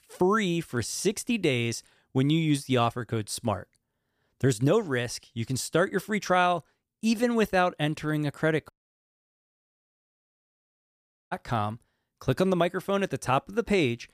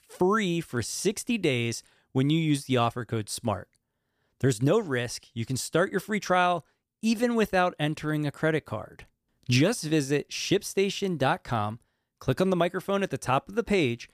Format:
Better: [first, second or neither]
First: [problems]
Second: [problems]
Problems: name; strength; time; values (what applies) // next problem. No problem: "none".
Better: second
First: audio cutting out; at 8.5 s for 2.5 s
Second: none